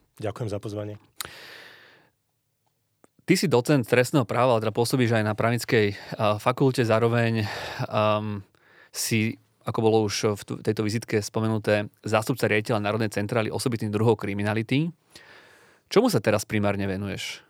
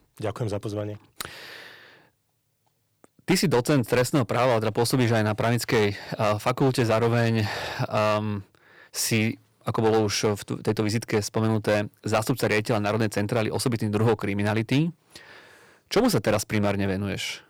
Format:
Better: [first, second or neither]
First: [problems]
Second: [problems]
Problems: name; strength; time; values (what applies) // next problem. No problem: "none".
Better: first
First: none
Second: distortion; slight; 7% of the sound clipped